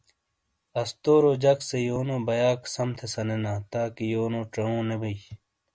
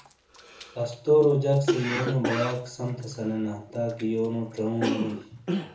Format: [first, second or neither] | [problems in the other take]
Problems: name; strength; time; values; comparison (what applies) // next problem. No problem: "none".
first | background sound (Cough); 7 dB below the speech // room echo; dies away in 0.6 s